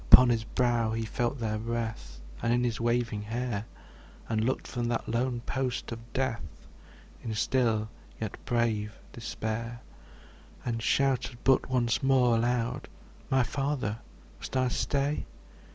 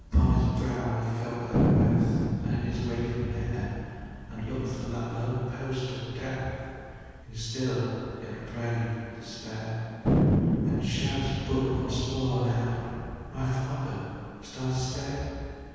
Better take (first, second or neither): first